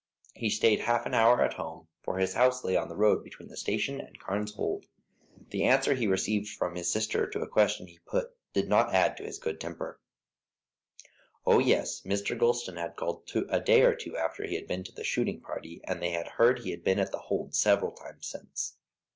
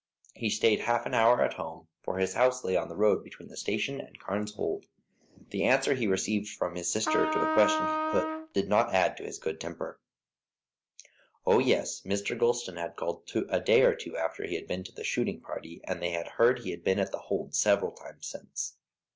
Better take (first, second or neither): first